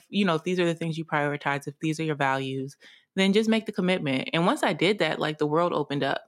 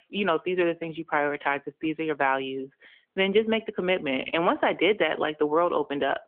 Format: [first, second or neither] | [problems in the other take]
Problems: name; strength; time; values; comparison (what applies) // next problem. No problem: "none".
first | phone-call audio; nothing above 3 kHz